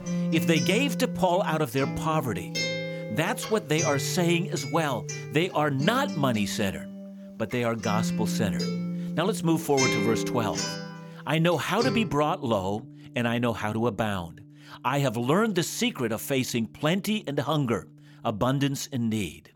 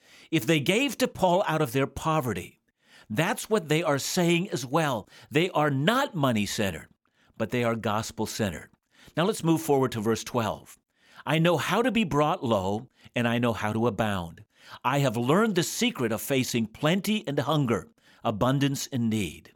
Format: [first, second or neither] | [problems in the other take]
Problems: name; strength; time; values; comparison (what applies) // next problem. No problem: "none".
second | background music; loud; throughout; 5 dB below the speech